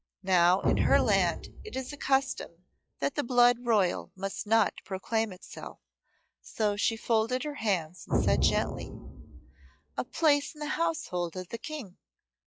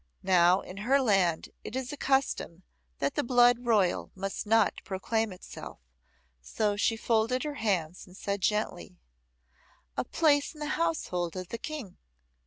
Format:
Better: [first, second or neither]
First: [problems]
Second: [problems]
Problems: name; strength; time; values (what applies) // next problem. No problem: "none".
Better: second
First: noise reduction (classical method log-MMSE)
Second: none